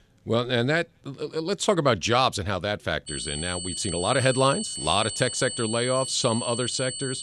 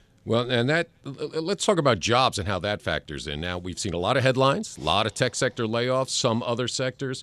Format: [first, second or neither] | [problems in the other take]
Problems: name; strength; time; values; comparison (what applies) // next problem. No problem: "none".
second | high-pitched whine; loud; from 3 s on; 8 kHz, 6 dB below the speech